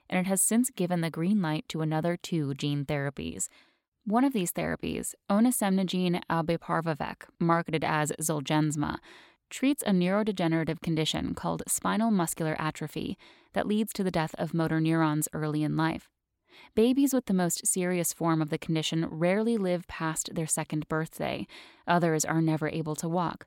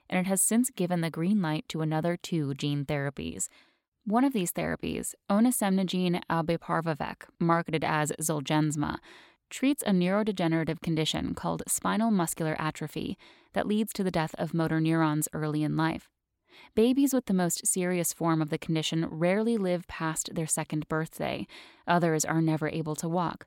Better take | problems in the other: neither | none

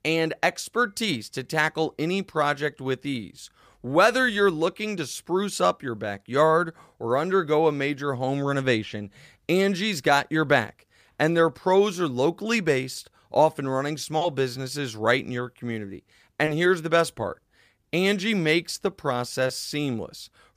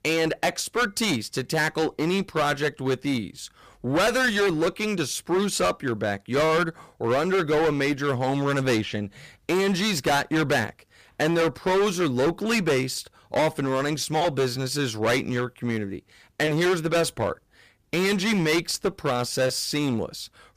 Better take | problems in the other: first | distortion; heavy; 15% of the sound clipped

